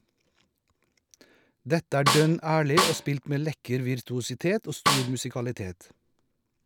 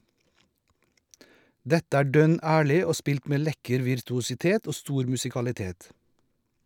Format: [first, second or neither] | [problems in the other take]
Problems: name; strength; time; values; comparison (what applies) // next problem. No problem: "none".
second | background sound (Snare drum); 1 dB above the speech